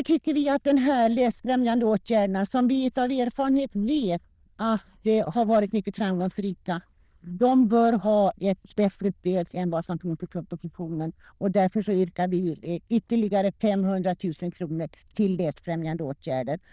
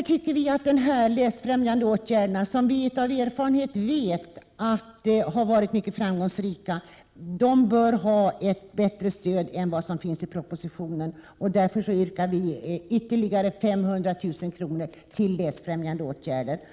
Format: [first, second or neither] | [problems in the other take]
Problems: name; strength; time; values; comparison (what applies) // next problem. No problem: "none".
second | noise reduction (neural diffusion model UNIVERSE++)